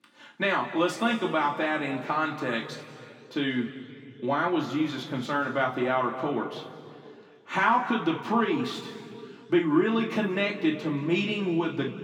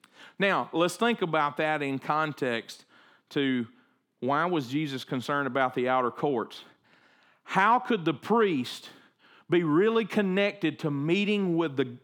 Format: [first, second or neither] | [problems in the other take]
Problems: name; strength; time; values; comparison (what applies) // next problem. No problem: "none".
second | room echo; slight; dies away in 2.2 s // off-mic speech; far